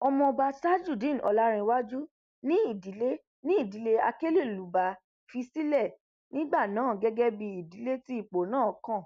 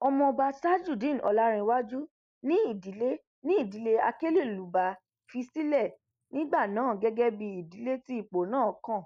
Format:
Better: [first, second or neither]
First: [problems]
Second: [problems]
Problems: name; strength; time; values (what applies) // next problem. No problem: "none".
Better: first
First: none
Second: noise reduction (neural mask model Resemble Enhance denoiser)